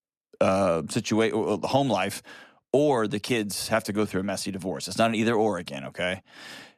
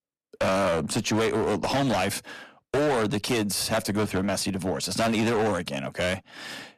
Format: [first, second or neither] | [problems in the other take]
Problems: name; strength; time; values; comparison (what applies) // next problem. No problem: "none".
first | distortion; heavy; 21% of the sound clipped